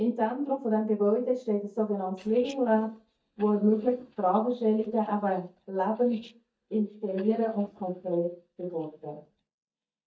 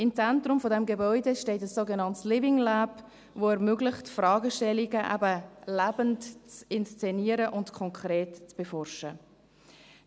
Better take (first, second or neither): second